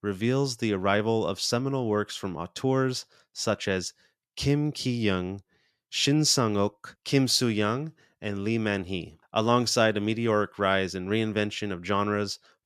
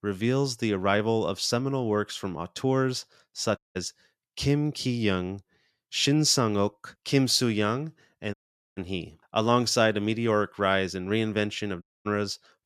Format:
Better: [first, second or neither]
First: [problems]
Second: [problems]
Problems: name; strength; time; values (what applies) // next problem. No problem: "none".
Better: first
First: none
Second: audio cutting out; at 3.5 s, at 8.5 s and at 12 s